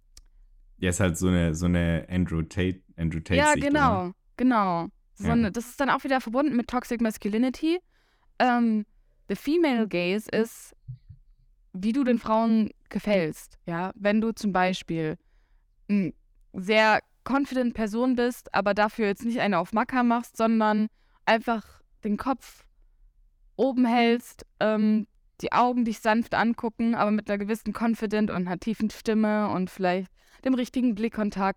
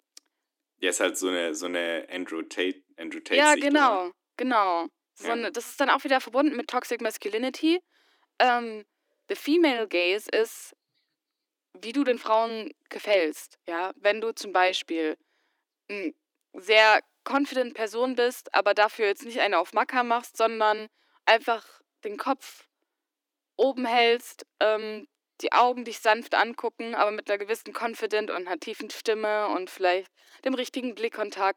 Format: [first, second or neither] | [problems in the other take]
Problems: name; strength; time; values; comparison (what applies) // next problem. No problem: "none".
first | thin; somewhat; fading below 300 Hz